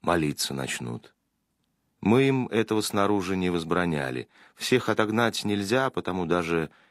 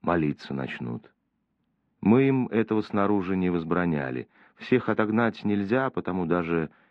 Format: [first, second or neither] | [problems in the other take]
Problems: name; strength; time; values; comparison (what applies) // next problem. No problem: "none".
first | muffled; very; fading above 2.5 kHz